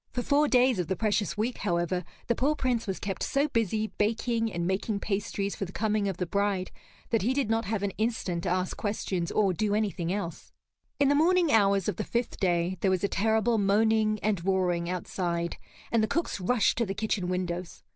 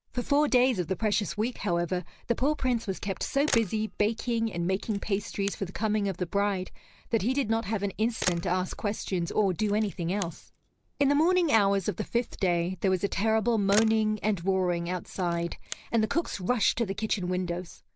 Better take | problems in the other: first | background sound (Camera); 14 dB below the speech

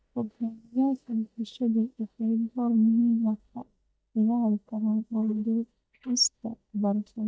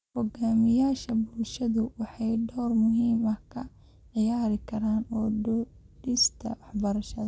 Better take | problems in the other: second | noise reduction (neural mask model DeepFilterNet 3)

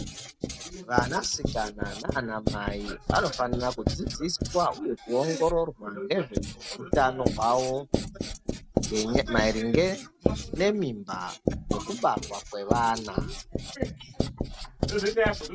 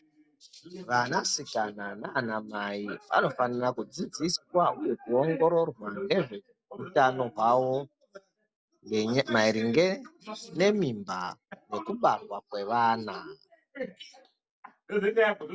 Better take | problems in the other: second | background sound (Writing); 3 dB below the speech

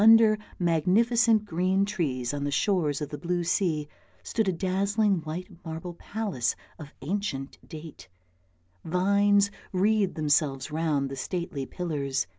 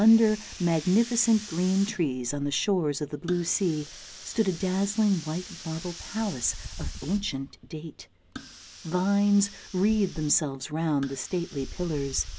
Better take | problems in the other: first | background sound (Hiss); 15 dB below the speech

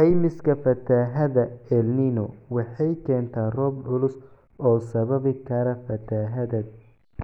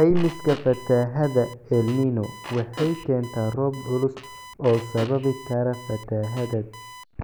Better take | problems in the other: first | background sound (Alarm + Fart); 17 dB below the speech

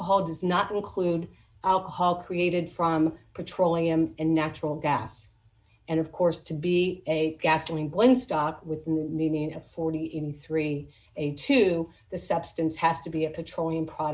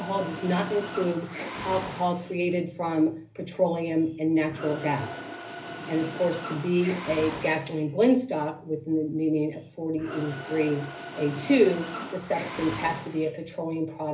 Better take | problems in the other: first | background sound (Mechanisms); 12 dB below the speech // room echo; dies away in 0.3 s

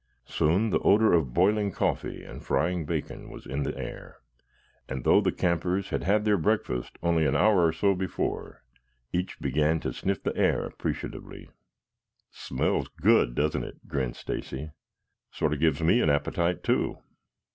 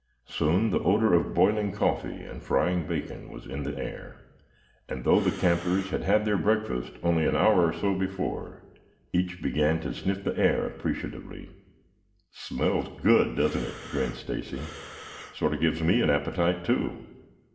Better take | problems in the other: first | background sound (Breathing); 16 dB below the speech // room echo; dies away in 0.9 s

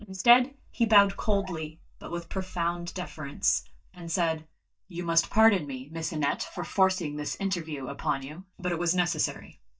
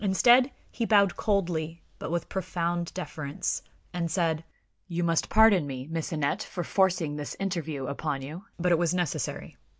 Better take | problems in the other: second | noise reduction (neural mask model DeepFilterNet 3)

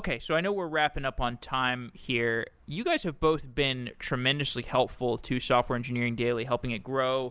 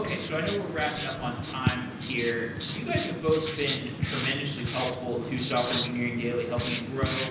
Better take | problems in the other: first | background sound (Writing); 3 dB below the speech // room echo; dies away in 0.9 s

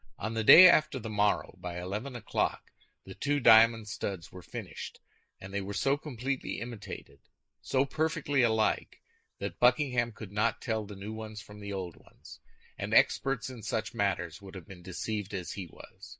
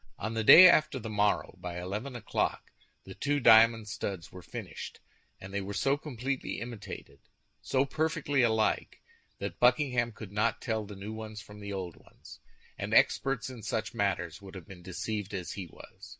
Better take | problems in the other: second | noise reduction (neural mask model Resemble Enhance denoiser)

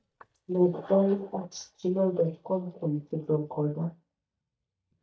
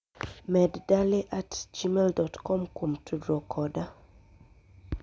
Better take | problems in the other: second | noise reduction (neural mask model DeepFilterNet 3)

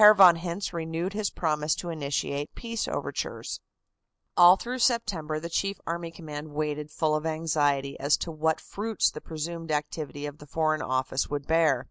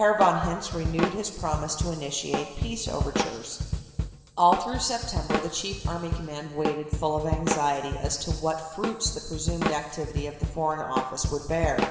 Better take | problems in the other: first | background sound (Drum kit); 3 dB below the speech // room echo; dies away in 2.9 s

